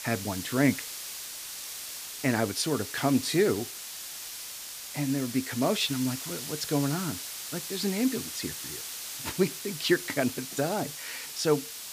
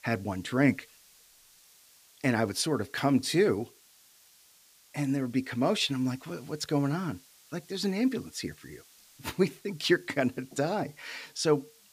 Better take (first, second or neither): second